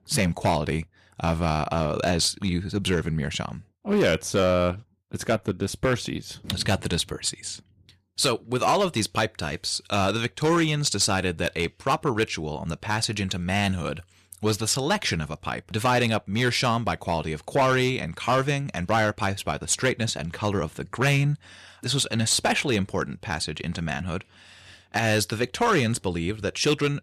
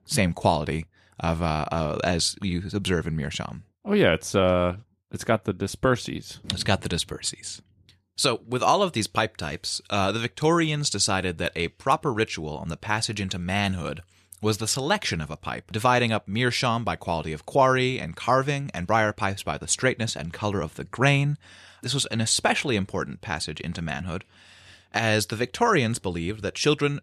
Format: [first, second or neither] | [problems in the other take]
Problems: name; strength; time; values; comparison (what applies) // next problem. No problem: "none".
second | distortion; slight; 4% of the sound clipped